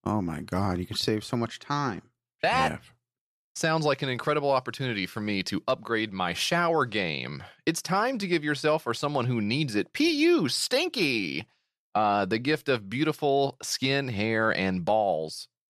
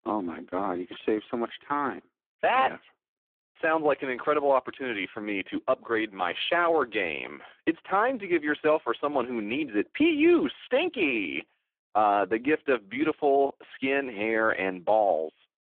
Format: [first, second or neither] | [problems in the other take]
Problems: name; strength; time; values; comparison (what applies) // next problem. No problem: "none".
first | phone-call audio; poor line